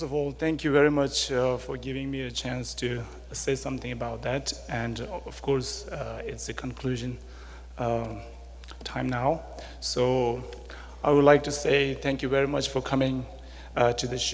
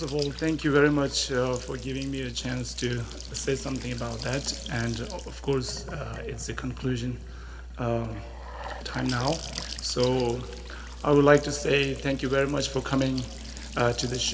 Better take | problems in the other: first | background sound (Trickle, dribble / Bathtub (filling or washing) / Sink (filling or washing) / Gurgling / Splash, splatter); 15 dB below the speech // room echo; dies away in 1.5 s

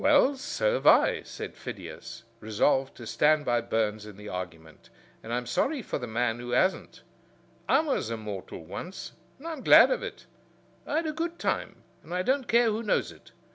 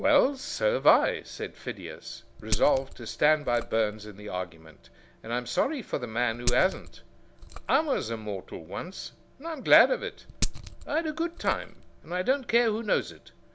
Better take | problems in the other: first | background sound (Glass); 9 dB below the speech

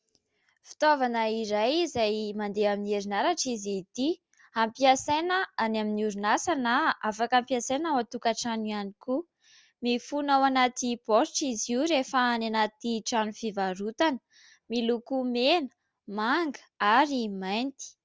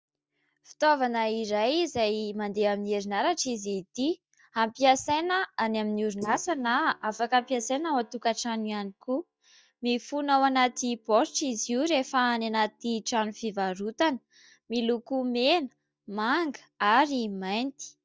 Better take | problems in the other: first | noise reduction (neural mask model DeepFilterNet 3)

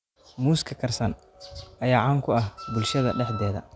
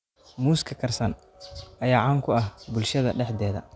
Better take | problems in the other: second | background sound (Wind instrument, woodwind instrument); 11 dB below the speech

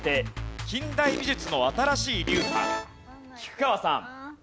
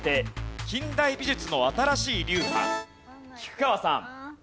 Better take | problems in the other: second | background sound (Fart); 9 dB below the speech

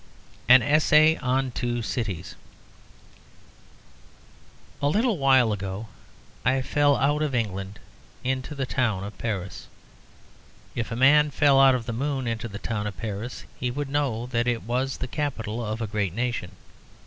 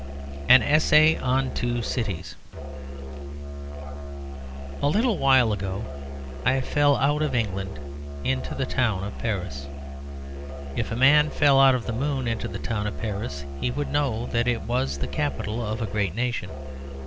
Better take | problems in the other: first | background sound (Musical instrument); 8 dB below the speech

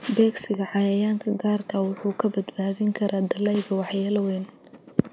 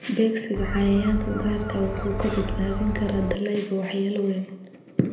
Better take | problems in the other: first | background sound (Gull, seagull); 4 dB below the speech // room echo; dies away in 0.7 s

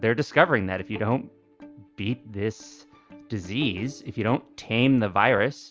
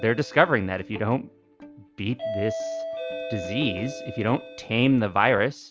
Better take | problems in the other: first | background sound (Doorbell); 11 dB below the speech

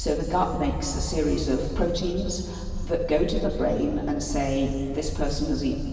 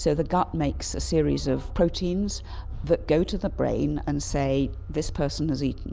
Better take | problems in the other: second | room echo; dies away in 2.4 s

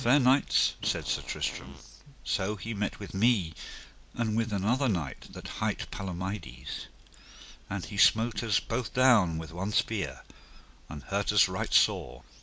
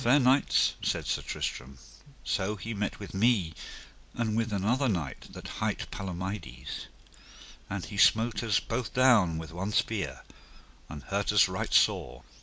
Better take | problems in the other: second | background sound (Fart); 20 dB below the speech

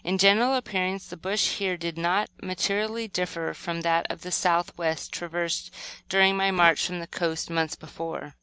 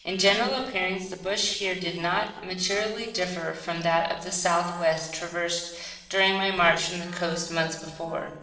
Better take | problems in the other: first | noise reduction (neural separator model SepFormer DNS4)

